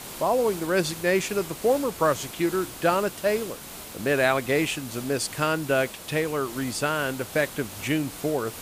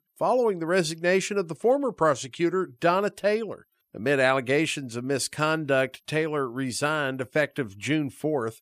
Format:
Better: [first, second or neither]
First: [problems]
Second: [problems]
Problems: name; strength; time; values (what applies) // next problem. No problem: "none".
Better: second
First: hiss; noticeable; throughout; 10 dB below the speech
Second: none